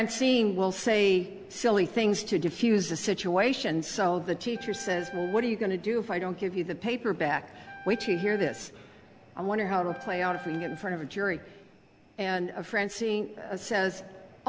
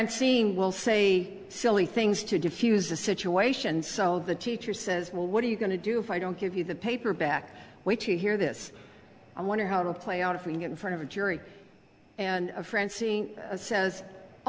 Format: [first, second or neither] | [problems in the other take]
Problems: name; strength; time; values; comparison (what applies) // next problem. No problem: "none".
second | background sound (Wind instrument, woodwind instrument); 18 dB below the speech